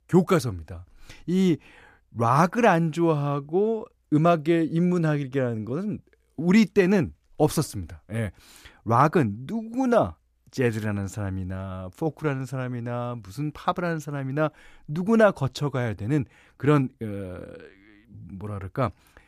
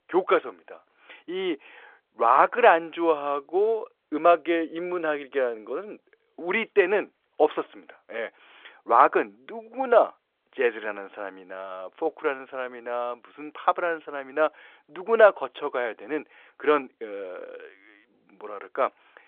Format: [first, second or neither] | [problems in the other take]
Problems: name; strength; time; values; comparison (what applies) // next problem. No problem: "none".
first | phone-call audio; nothing above 3.5 kHz